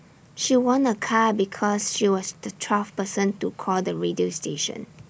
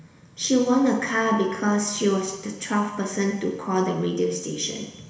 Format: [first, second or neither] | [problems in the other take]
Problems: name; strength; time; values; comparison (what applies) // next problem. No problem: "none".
first | room echo; dies away in 1.1 s